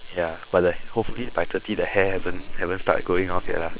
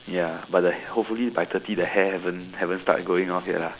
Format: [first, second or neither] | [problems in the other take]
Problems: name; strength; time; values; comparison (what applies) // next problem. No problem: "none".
second | noise reduction (neural separator model SepFormer WHAM!)